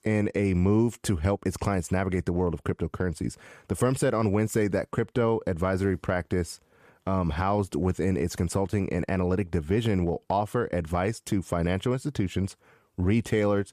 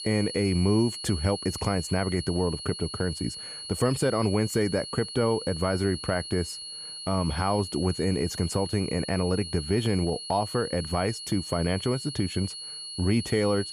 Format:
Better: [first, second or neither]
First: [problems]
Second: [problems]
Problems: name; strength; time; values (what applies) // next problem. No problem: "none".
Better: first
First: none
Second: high-pitched whine; loud; throughout; 4.5 kHz, 8 dB below the speech